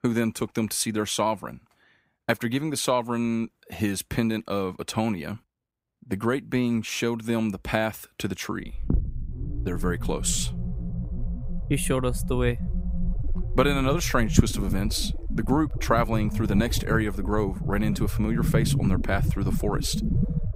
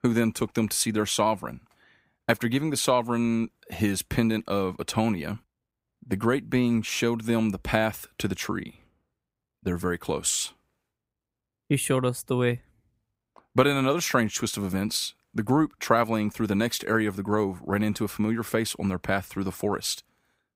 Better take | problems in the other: second | low rumble; noticeable; from 8.5 s on; 10 dB below the speech

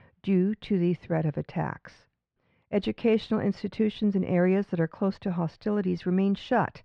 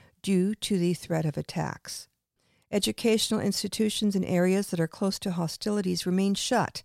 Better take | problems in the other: second | muffled; very; fading above 2.5 kHz

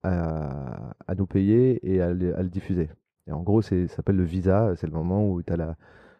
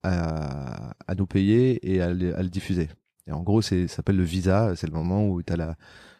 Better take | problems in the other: second | muffled; very; fading above 2.5 kHz

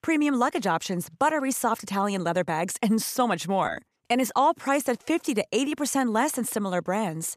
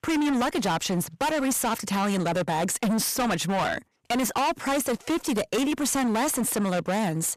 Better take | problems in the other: first | distortion; heavy; 29% of the sound clipped

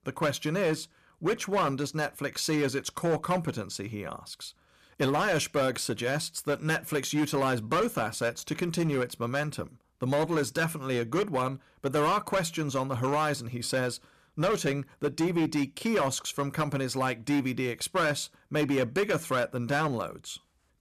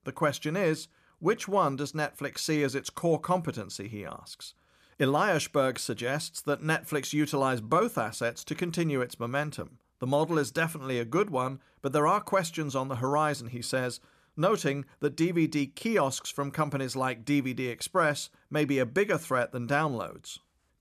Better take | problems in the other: second | distortion; slight; 8% of the sound clipped

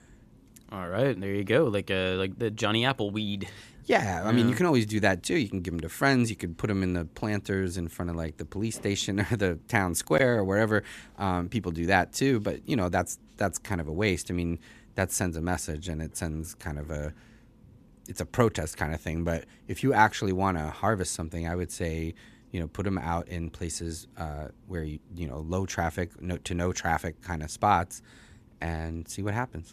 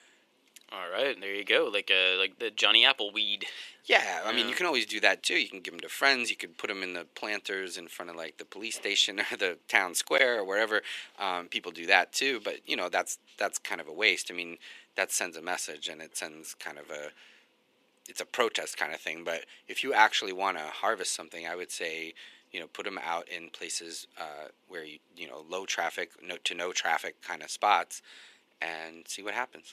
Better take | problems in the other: first | thin; very; fading below 400 Hz

